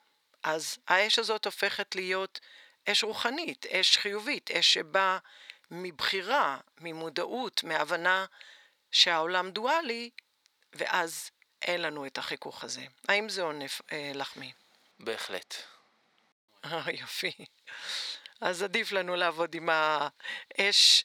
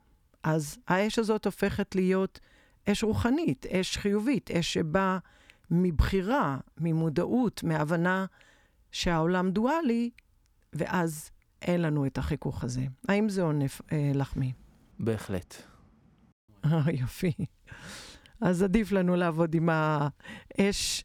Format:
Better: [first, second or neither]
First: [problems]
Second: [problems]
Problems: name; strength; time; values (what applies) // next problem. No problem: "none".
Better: second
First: thin; very; fading below 650 Hz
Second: none